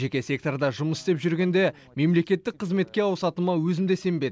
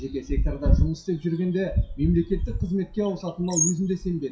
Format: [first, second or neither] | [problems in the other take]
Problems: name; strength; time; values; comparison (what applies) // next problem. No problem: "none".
first | noise reduction (classical method WPE with log-MMSE)